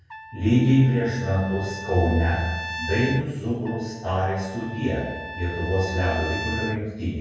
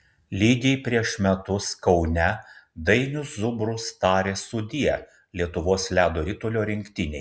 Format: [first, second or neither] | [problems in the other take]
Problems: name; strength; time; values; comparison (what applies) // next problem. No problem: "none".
second | background sound (Trumpet); 12 dB below the speech // room echo; dies away in 1.3 s